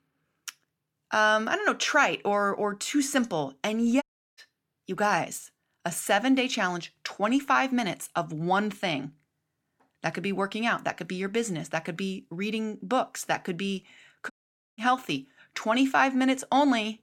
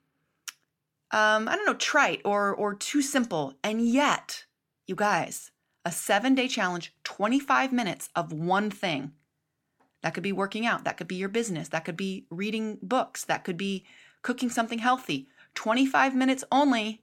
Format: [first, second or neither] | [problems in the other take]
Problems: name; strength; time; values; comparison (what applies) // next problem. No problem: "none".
second | audio cutting out; at 4 s and at 14 s